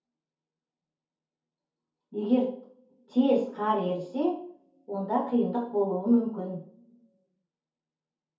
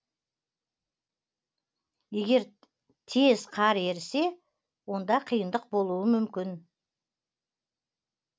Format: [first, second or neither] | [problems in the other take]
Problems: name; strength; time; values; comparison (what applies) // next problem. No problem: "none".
second | room echo; dies away in 0.6 s